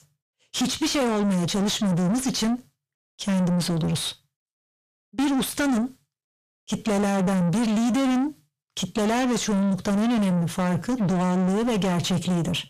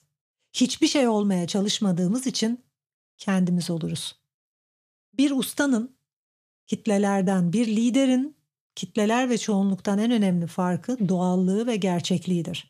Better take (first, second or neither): second